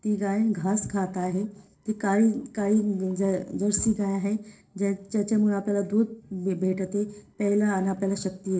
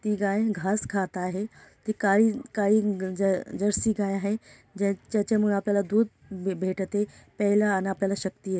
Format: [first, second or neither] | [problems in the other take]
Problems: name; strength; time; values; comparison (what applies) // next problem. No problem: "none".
second | noise reduction (neural separator model SepFormer DNS4)